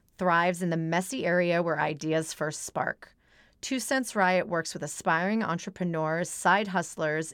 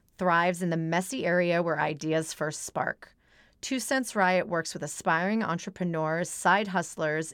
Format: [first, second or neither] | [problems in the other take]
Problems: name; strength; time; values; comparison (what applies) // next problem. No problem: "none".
neither | none